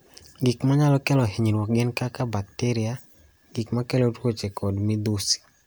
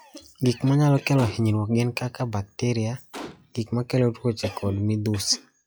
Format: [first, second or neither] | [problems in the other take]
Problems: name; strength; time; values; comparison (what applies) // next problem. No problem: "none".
first | noise reduction (classical method log-MMSE)